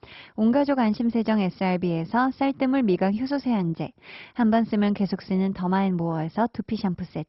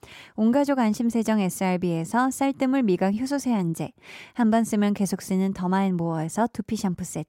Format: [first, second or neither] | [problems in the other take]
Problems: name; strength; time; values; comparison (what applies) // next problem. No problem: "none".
second | garbled, watery; badly; nothing above 5.5 kHz